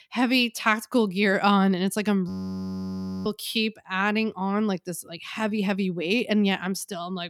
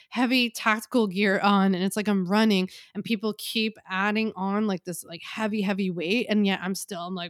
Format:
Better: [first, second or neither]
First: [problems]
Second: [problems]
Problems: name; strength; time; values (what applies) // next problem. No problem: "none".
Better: second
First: audio freezing; at 2.5 s for 1 s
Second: none